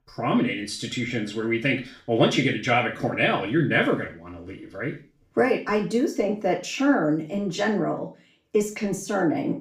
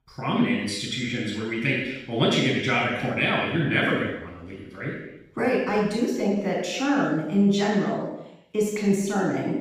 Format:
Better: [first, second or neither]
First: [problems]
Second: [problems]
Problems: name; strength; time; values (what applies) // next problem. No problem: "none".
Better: first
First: room echo; slight; dies away in 0.4 s // off-mic speech; far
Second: room echo; strong; dies away in 0.9 s // off-mic speech; far